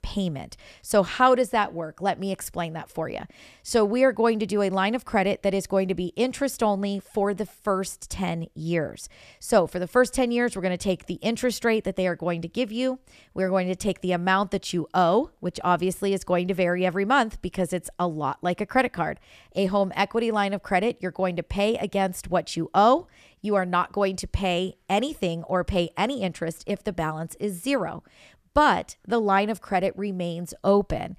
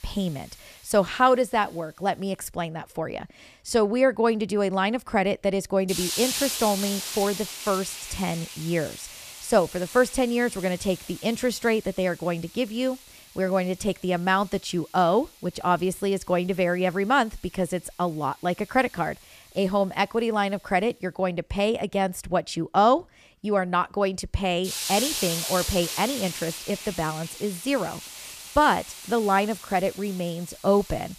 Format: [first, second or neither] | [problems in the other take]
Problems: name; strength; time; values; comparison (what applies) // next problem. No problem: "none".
first | hiss; loud; throughout; 7 dB below the speech